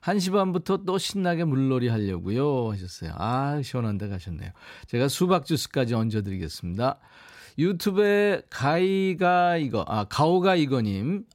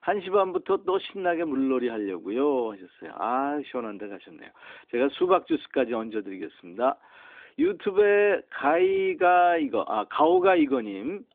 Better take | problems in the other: first | phone-call audio

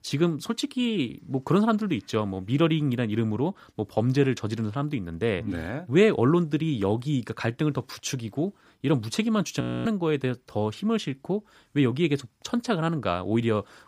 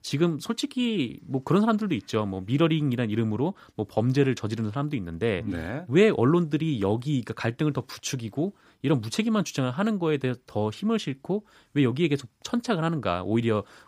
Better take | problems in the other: second | audio freezing; at 9.5 s

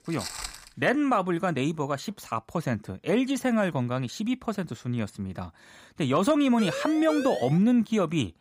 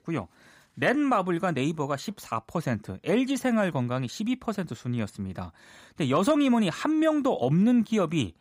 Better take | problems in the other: second | footsteps; noticeable; at the start; peak 8 dB below the speech // siren; noticeable; from 6.5 to 7.5 s; peak 7 dB below the speech

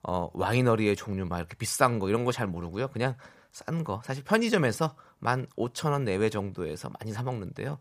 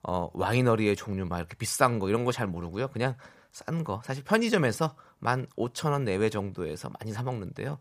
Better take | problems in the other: neither | none

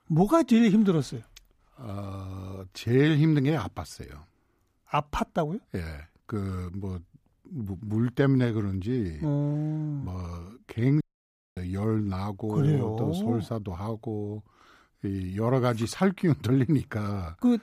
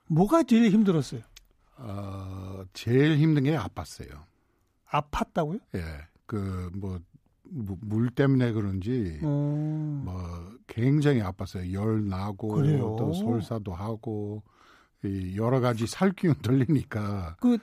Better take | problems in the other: second | audio cutting out; at 11 s for 0.5 s

